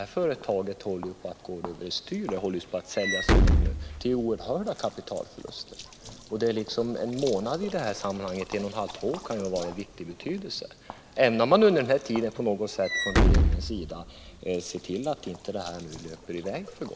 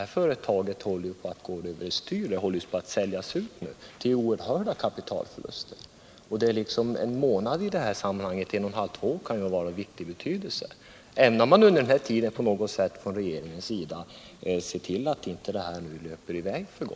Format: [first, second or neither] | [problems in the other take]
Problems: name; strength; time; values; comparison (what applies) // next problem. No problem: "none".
second | background sound (Walk, footsteps / Slam); 1 dB below the speech